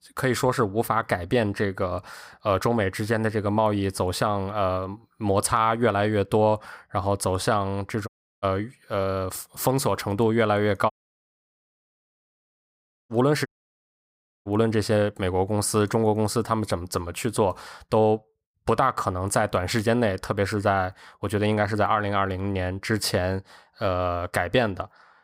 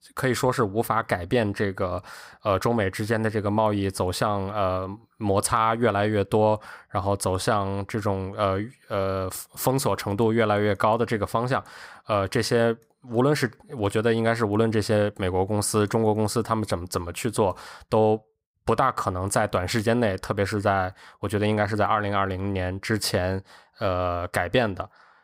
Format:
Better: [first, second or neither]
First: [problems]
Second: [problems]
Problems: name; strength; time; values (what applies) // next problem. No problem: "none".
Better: second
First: audio cutting out; at 8 s, at 11 s for 2 s and at 13 s for 1 s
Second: none